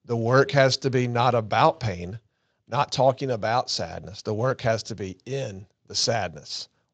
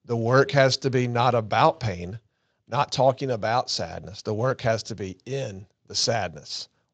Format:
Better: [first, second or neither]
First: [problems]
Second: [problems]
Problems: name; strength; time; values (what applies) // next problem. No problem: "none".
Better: neither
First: garbled, watery; slightly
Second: garbled, watery; slightly